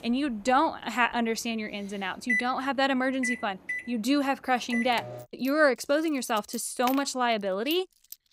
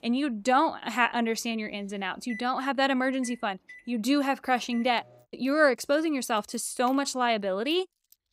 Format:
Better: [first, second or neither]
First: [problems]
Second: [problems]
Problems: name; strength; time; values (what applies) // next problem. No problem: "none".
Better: second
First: household noises; loud; throughout; 7 dB below the speech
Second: household noises; faint; throughout; 20 dB below the speech